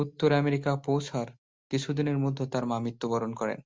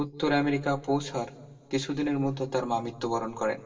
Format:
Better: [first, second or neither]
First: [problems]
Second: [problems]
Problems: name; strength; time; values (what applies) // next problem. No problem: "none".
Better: first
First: none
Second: room echo; dies away in 1.6 s